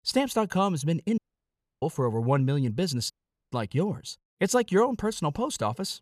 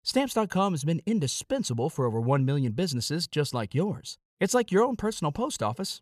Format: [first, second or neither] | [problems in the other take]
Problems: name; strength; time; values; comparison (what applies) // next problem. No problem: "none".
second | audio cutting out; at 1 s for 0.5 s and at 3 s